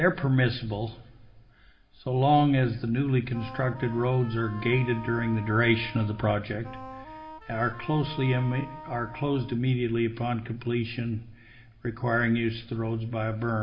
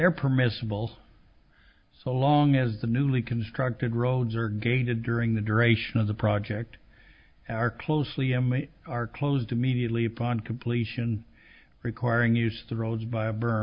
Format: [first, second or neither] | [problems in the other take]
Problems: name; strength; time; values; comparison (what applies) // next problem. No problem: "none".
second | background sound (Wind instrument, woodwind instrument); 16 dB below the speech // room echo; dies away in 1 s